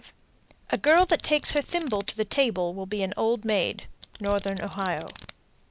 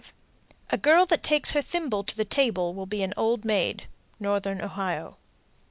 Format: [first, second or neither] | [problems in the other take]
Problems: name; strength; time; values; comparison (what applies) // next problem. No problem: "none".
second | background sound (Domestic sounds, home sounds); 17 dB below the speech